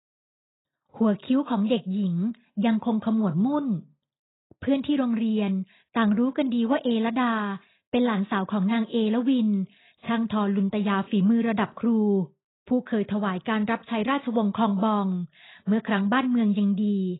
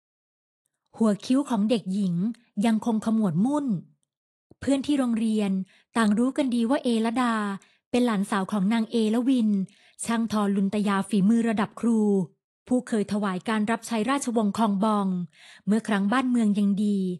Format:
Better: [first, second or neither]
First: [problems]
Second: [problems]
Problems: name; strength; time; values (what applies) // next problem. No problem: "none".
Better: second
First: garbled, watery; badly; nothing above 4 kHz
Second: garbled, watery; slightly; nothing above 11 kHz